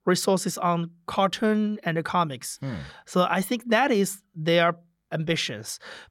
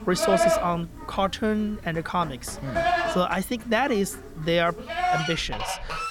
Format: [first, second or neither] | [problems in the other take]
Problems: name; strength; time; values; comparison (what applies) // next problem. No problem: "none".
first | animal sounds; very loud; throughout; 1 dB above the speech